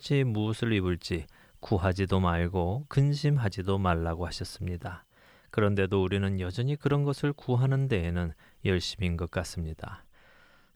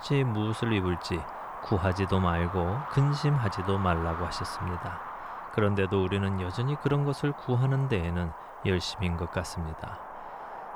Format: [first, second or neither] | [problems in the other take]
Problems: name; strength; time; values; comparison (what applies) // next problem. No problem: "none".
first | wind noise on the microphone; heavy; 4 dB below the speech